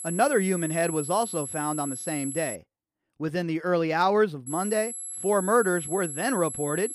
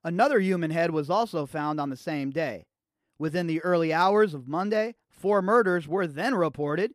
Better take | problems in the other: second | high-pitched whine; loud; until 2.5 s and from 4.5 s on; 11 kHz, 7 dB below the speech

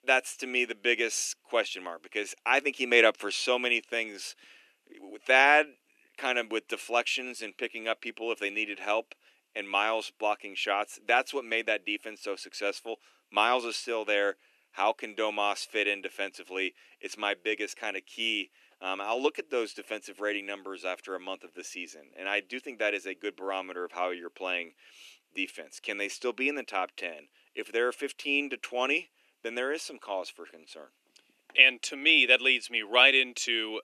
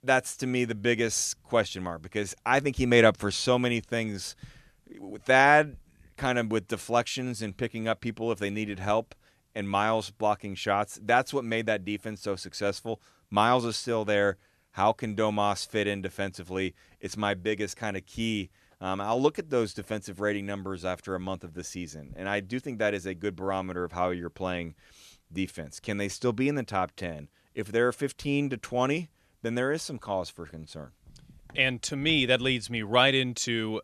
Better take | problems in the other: second | thin; somewhat; fading below 300 Hz

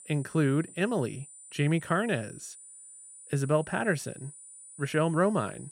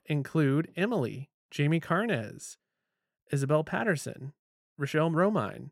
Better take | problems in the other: second | high-pitched whine; noticeable; throughout; 9 kHz, 20 dB below the speech

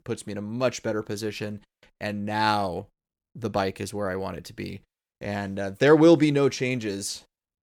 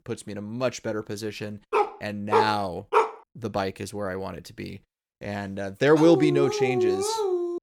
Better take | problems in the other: first | dog barking; loud; from 1.5 to 3 s and from 6 s on; peak 3 dB above the speech

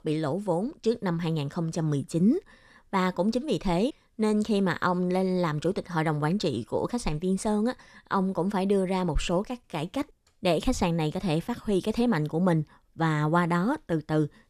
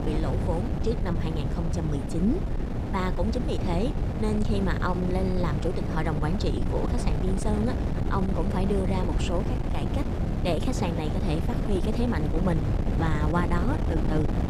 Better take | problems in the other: first | wind noise on the microphone; heavy; 4 dB below the speech

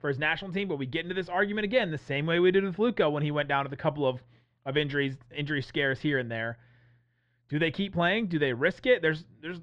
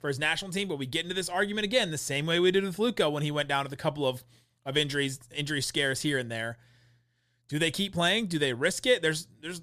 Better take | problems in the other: second | muffled; very; fading above 2.5 kHz

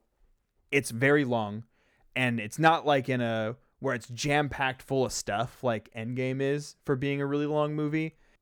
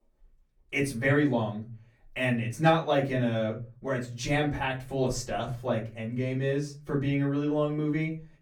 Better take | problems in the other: first | off-mic speech; far // room echo; very slight; dies away in 0.3 s

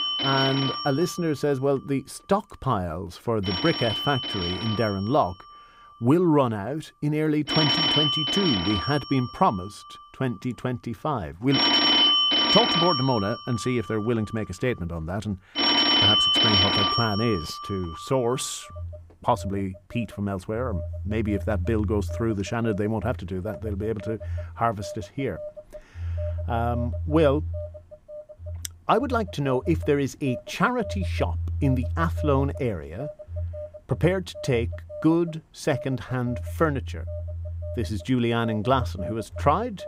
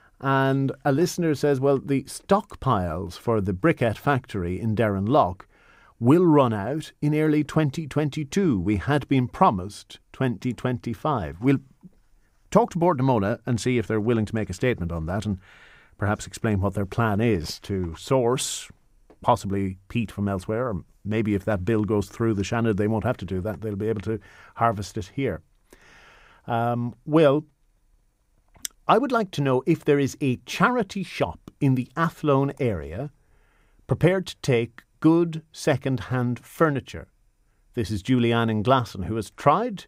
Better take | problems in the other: second | alarms or sirens; very loud; throughout; 2 dB above the speech

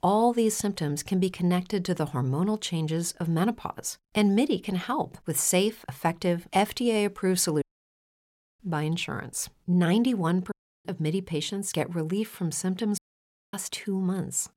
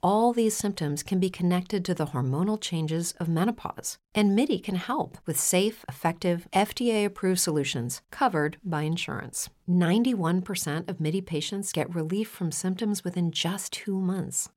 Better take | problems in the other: second | audio cutting out; at 7.5 s for 1 s, at 11 s and at 13 s for 0.5 s

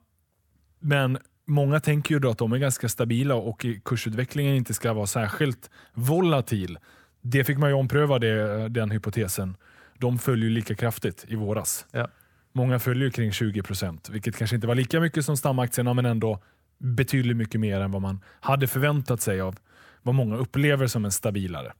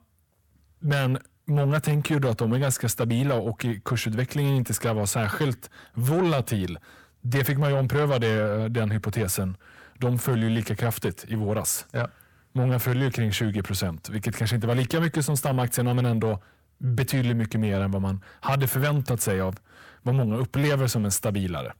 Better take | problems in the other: first | distortion; slight; 10 dB below the speech

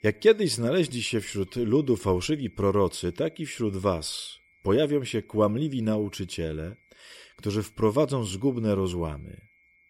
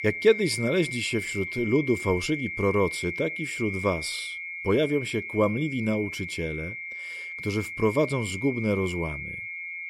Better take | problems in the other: first | high-pitched whine; loud; throughout; 2 kHz, 6 dB below the speech; faint in the first

